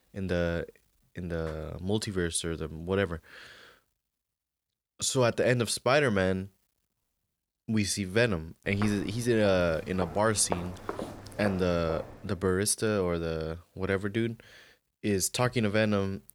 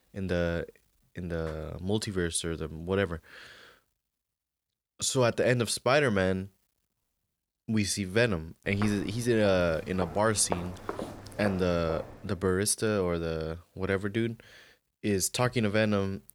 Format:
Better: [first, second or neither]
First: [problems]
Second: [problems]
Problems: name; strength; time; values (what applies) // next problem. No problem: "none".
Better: neither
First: footsteps; noticeable; from 8.5 to 12 s; peak 8 dB below the speech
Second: footsteps; noticeable; from 8.5 to 12 s; peak 8 dB below the speech